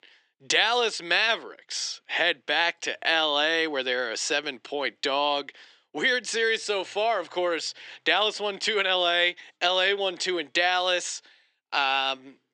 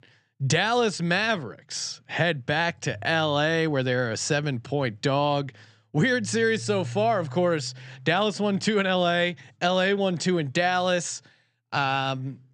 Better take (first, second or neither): second